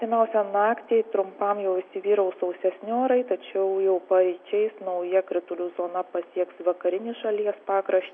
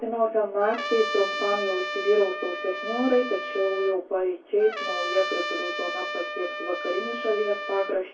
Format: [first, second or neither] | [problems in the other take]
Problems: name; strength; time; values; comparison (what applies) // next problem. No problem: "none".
first | background sound (Trumpet); 6 dB below the speech // room echo; dies away in 0.2 s